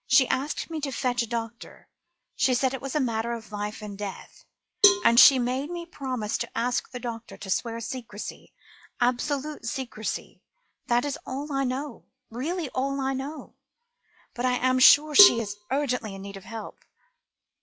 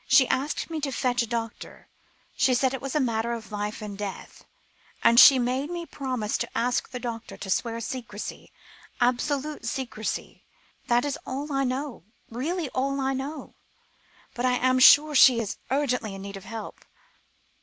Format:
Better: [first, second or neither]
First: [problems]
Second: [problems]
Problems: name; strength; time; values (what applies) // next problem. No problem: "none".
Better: second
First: noise reduction (classical method log-MMSE)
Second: none